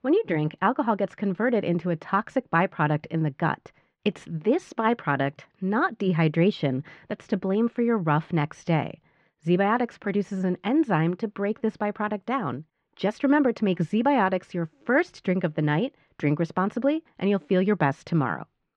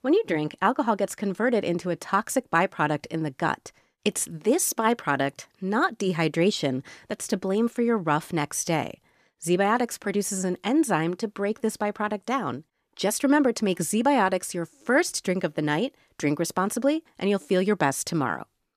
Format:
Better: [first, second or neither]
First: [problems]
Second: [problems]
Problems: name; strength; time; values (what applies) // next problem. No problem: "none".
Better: second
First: muffled; very; fading above 3 kHz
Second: none